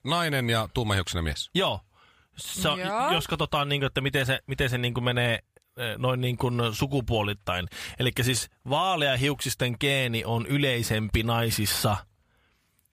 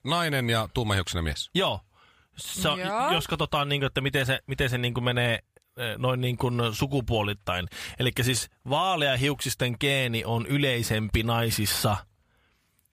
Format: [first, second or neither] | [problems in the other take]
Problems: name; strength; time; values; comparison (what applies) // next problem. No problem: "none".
neither | none